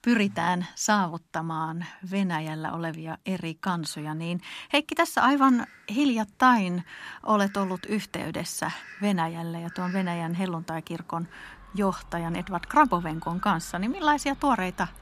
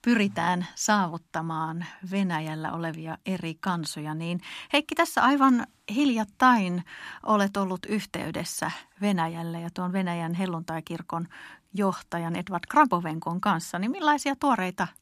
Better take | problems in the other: second | animal sounds; faint; throughout; 20 dB below the speech

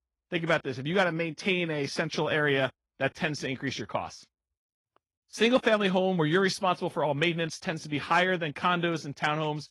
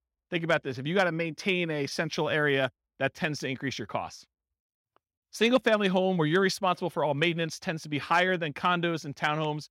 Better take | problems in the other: second | garbled, watery; slightly; nothing above 11.5 kHz

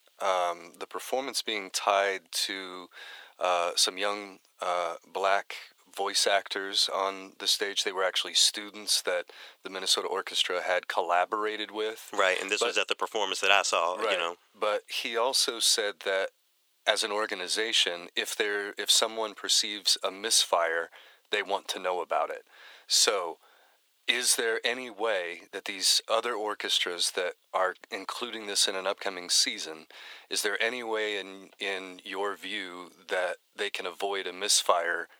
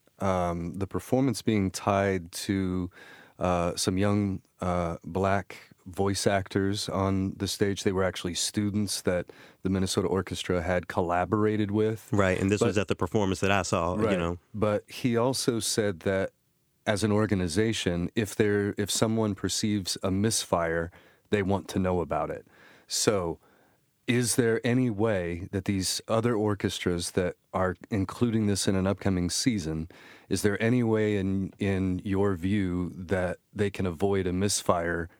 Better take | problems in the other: second | thin; very; fading below 550 Hz

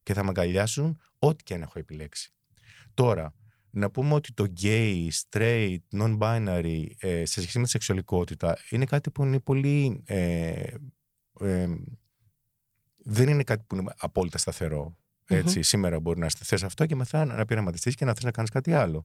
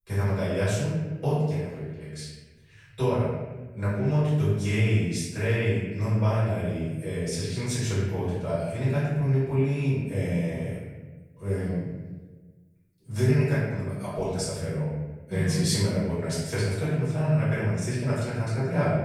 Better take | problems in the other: first | off-mic speech; far // room echo; strong; dies away in 1.2 s

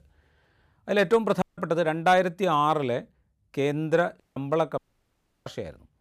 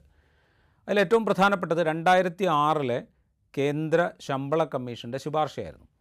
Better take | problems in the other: second | audio cutting out; at 1.5 s, at 4 s and at 5 s for 0.5 s

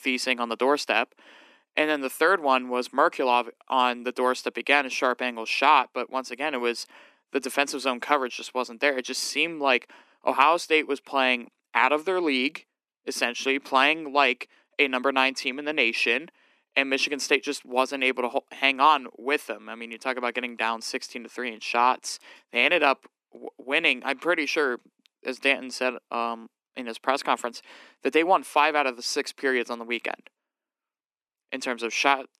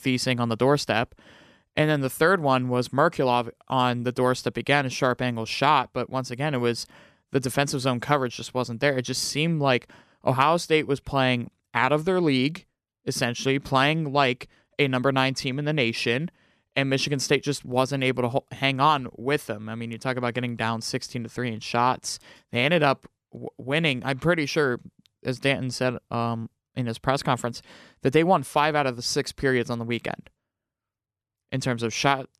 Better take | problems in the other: second | thin; somewhat; fading below 250 Hz

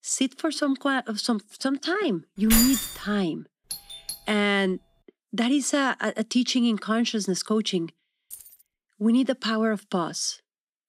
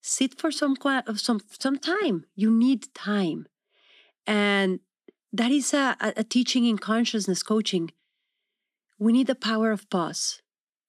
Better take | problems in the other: second | jangling keys; loud; at 2.5 s; peak 4 dB above the speech // doorbell; faint; at 3.5 s; peak 10 dB below the speech // jangling keys; faint; at 8.5 s; peak 15 dB below the speech

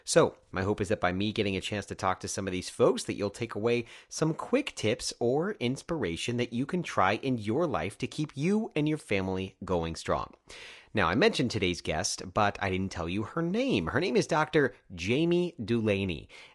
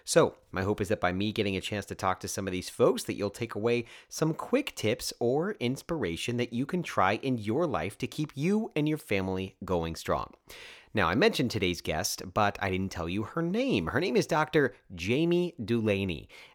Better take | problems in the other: second | garbled, watery; slightly; nothing above 10.5 kHz

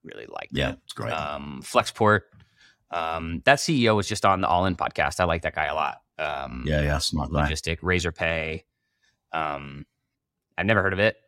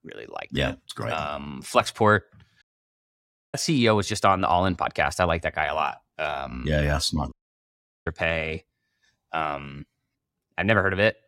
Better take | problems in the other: first | audio cutting out; at 2.5 s for 1 s and at 7.5 s for 0.5 s

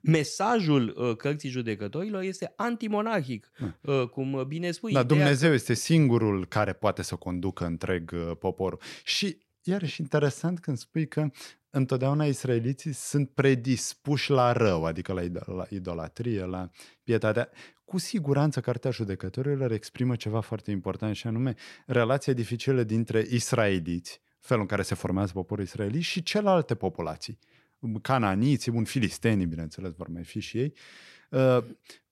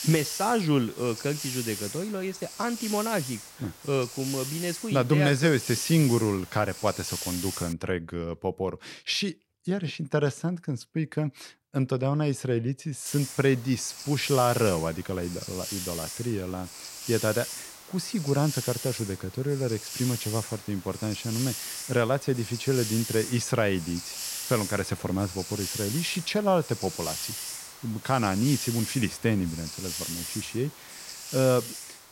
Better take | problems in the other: first | hiss; loud; until 7.5 s and from 13 s on; 7 dB below the speech

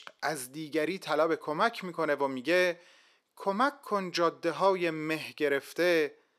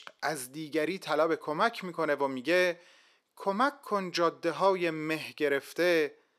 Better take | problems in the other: neither | thin; somewhat; fading below 450 Hz; the same in both

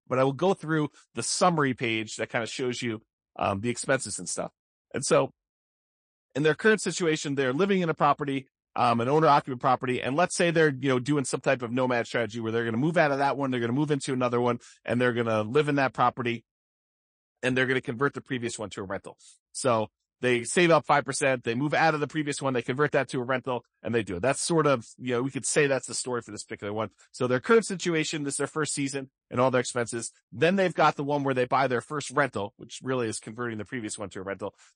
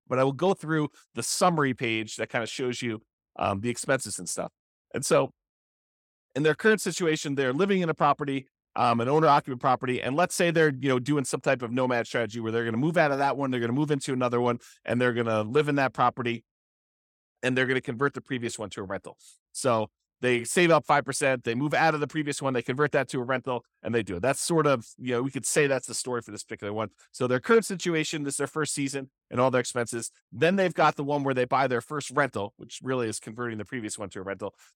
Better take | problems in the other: second | garbled, watery; slightly; nothing above 9.5 kHz

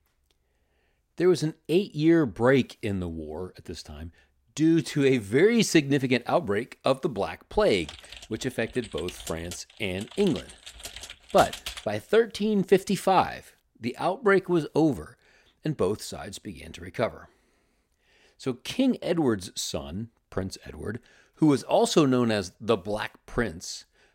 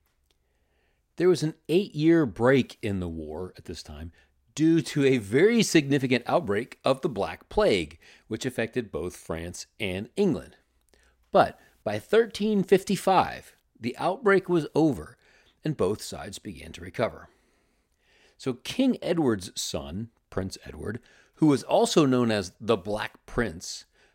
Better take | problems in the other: second | keyboard typing; noticeable; from 8 to 12 s; peak 8 dB below the speech

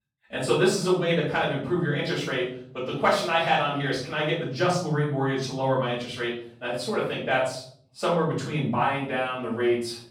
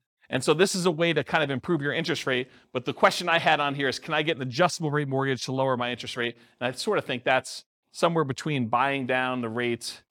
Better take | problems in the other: second | off-mic speech; far // room echo; noticeable; dies away in 0.5 s

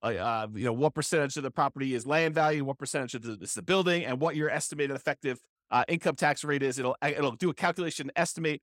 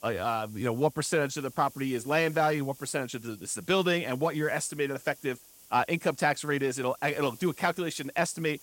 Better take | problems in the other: first | hiss; faint; throughout; 20 dB below the speech

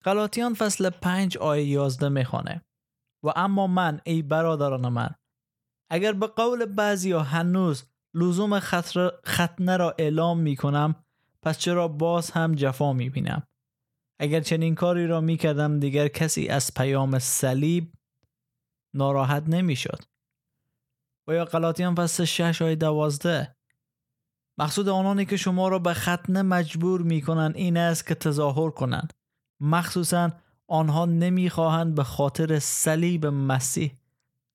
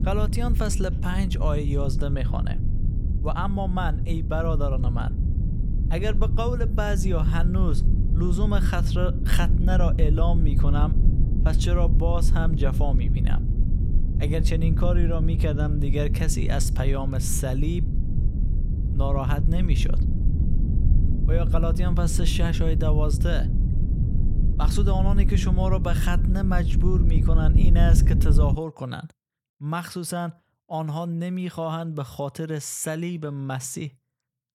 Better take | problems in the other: first | low rumble; loud; until 29 s; 7 dB below the speech

